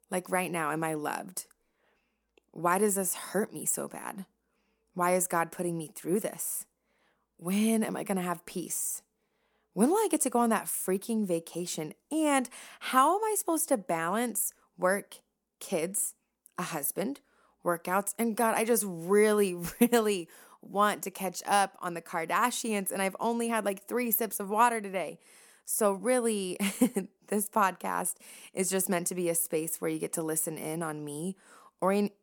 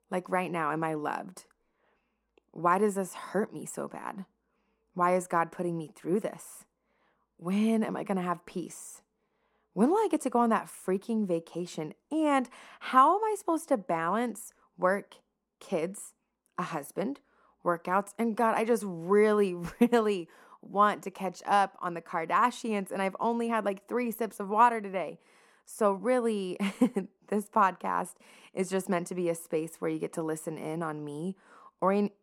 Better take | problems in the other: first | muffled; slightly; fading above 2 kHz

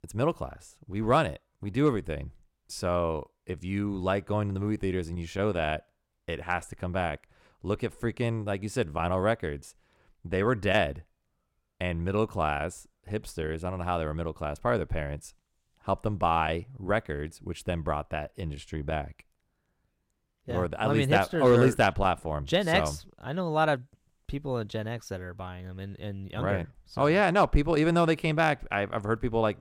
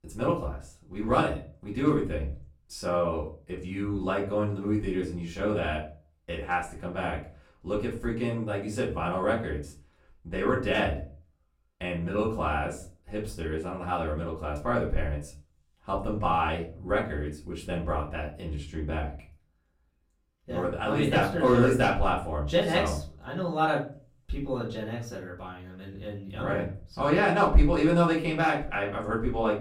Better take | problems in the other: first | off-mic speech; far // room echo; slight; dies away in 0.3 s

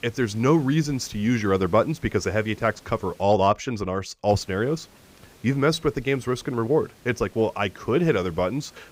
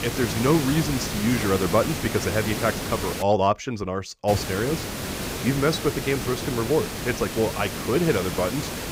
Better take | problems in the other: first | hiss; loud; until 3 s and from 4.5 s on; 5 dB below the speech; faint in the first

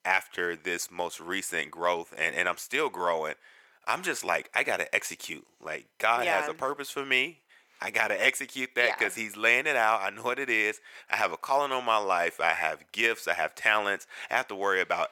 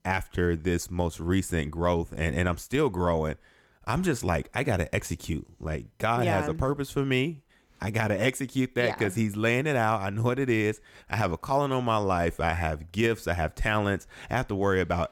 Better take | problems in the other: second | thin; very; fading below 600 Hz

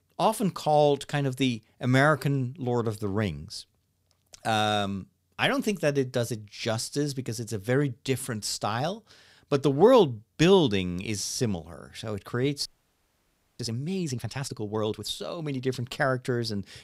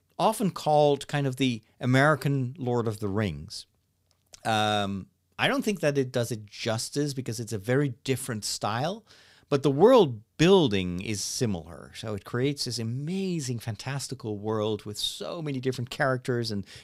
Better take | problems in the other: second | audio freezing; at 13 s for 1 s

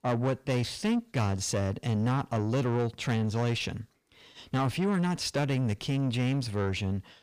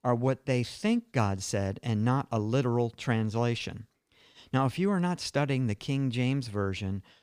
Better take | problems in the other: second | distortion; slight; 10 dB below the speech

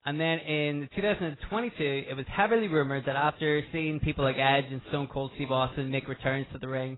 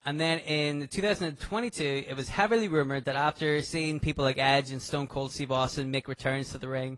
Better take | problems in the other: second | garbled, watery; badly; nothing above 4 kHz; slightly in the second

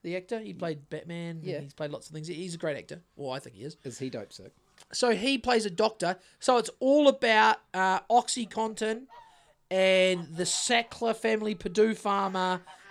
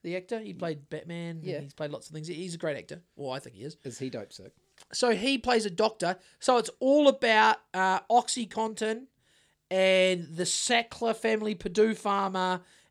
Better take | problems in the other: second | animal sounds; faint; throughout; 25 dB below the speech

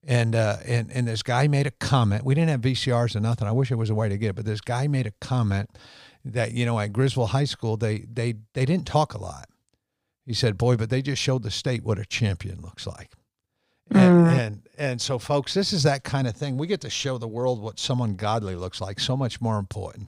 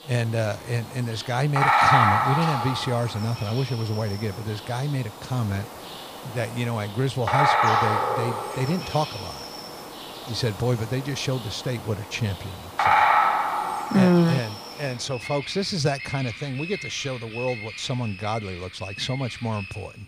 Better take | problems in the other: first | animal sounds; very loud; throughout; 2 dB above the speech

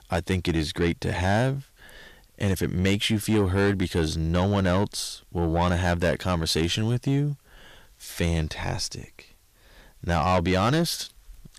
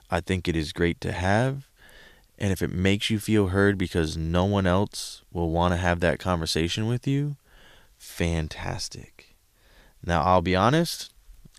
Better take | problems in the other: second | distortion; slight; 10 dB below the speech

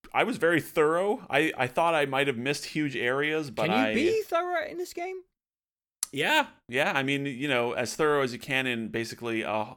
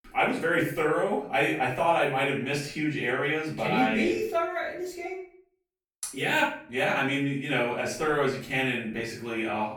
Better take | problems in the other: first | off-mic speech; far // room echo; noticeable; dies away in 0.4 s

